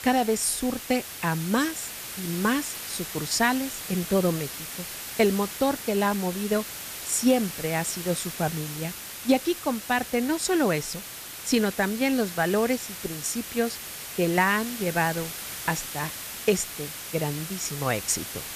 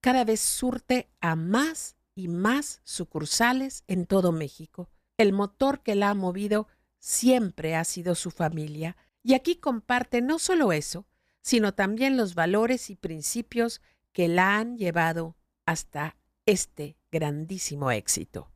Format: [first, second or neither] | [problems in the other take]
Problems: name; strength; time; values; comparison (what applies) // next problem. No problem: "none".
second | hiss; loud; throughout; 8 dB below the speech